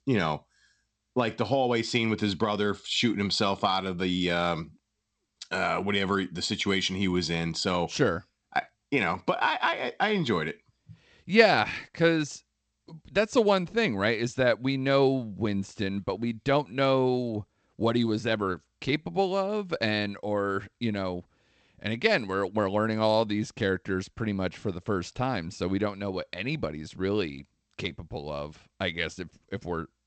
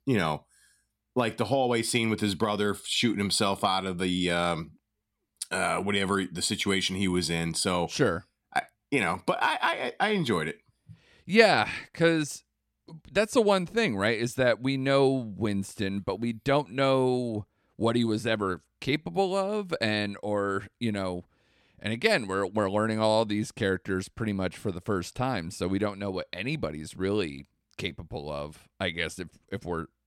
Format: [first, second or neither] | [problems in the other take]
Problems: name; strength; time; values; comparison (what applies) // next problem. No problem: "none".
second | garbled, watery; slightly; nothing above 8 kHz